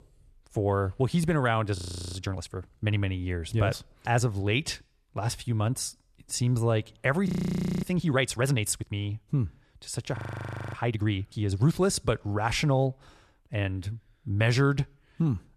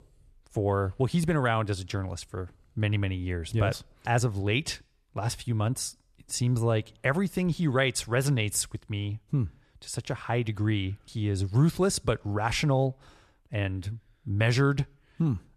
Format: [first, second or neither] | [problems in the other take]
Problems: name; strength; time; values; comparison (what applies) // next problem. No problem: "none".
second | audio freezing; at 2 s, at 7.5 s for 0.5 s and at 10 s for 0.5 s